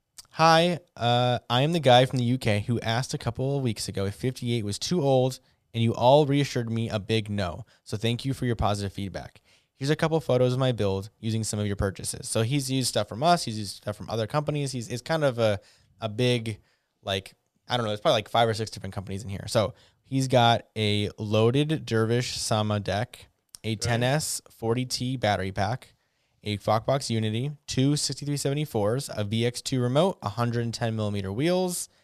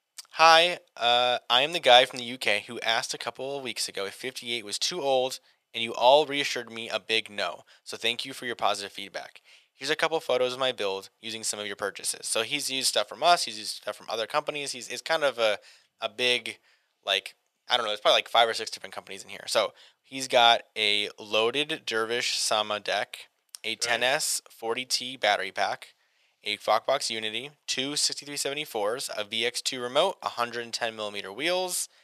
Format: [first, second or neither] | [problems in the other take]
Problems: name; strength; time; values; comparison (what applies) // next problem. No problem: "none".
first | thin; very; fading below 550 Hz